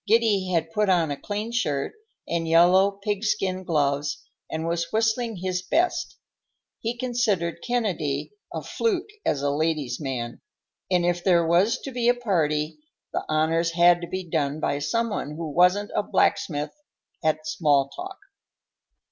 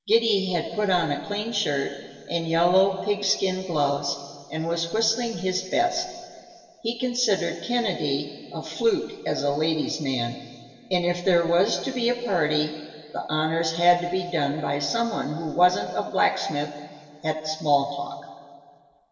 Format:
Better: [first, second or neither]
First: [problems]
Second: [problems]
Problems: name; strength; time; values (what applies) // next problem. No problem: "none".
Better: first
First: none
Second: room echo; dies away in 2.3 s